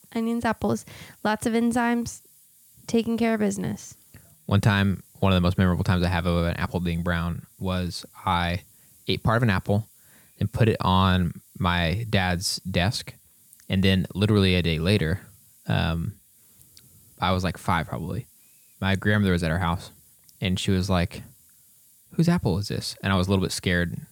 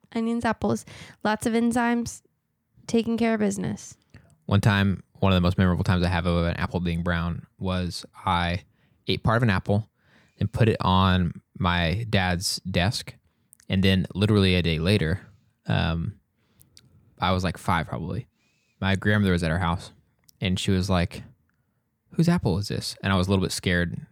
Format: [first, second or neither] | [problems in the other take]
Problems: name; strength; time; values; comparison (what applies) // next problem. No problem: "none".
second | hiss; faint; throughout; 30 dB below the speech